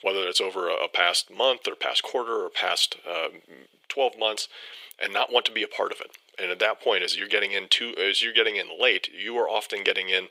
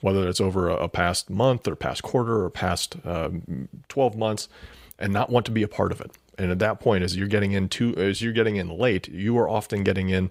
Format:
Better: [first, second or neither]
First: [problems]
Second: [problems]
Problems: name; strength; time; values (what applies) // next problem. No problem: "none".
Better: second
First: thin; very; fading below 400 Hz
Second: none